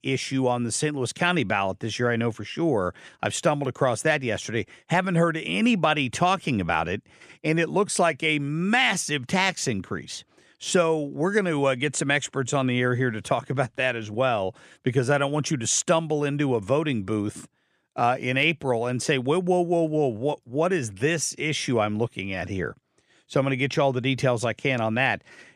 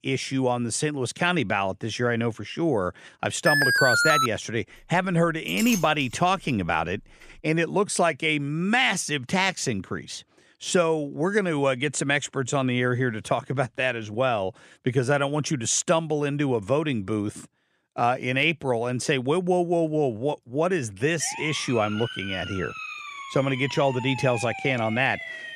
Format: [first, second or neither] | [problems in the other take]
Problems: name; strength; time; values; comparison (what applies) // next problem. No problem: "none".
first | alarm; loud; at 3.5 s; peak 6 dB above the speech // clattering dishes; noticeable; from 5.5 to 7.5 s; peak 6 dB below the speech // siren; noticeable; from 21 s on; peak 8 dB below the speech